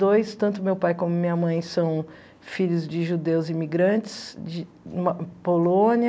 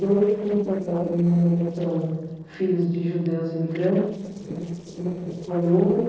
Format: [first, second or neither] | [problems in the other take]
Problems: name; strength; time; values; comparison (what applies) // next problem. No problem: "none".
first | noise reduction (neural separator model SepFormer DNS4)